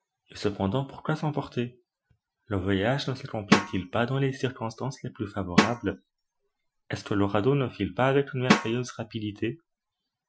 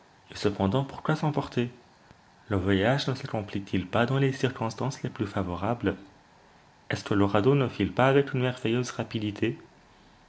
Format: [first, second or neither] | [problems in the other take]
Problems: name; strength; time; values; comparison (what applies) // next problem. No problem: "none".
second | noise reduction (classical method Wiener filter)